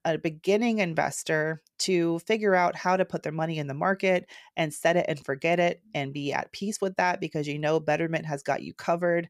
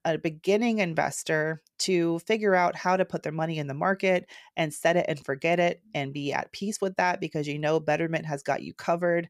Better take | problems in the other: neither | none

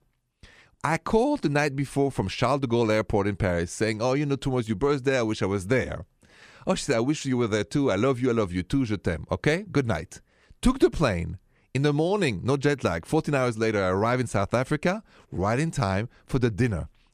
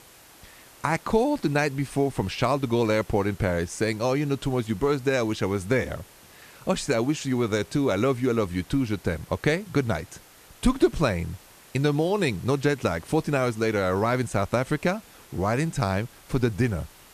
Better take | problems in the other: first | hiss; faint; throughout; 25 dB below the speech

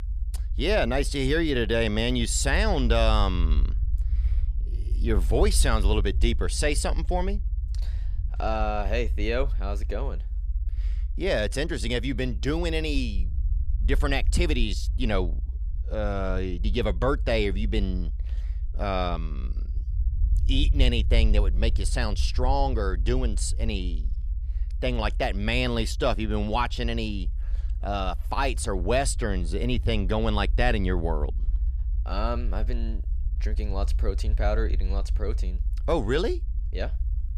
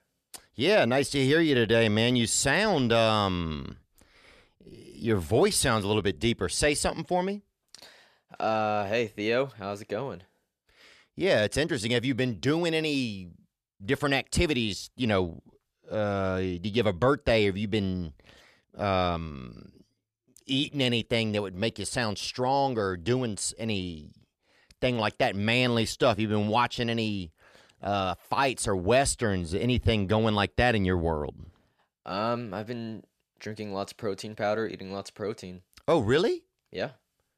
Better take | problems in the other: second | low rumble; faint; throughout; 20 dB below the speech

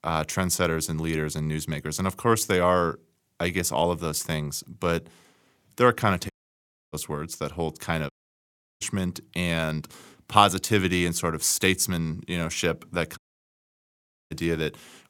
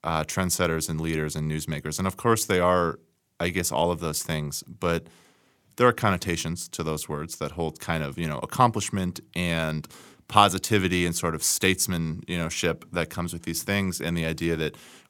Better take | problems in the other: second | audio cutting out; at 6.5 s for 0.5 s, at 8 s for 0.5 s and at 13 s for 1 s

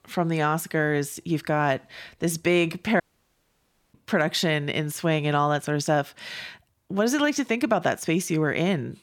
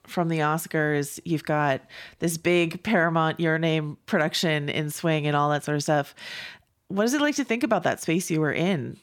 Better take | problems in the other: second | audio cutting out; at 3 s for 1 s

